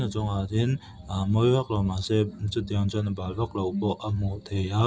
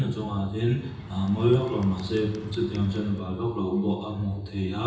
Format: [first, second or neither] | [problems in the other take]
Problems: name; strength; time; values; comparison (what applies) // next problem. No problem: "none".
first | background sound (Bird); 14 dB below the speech // room echo; dies away in 0.9 s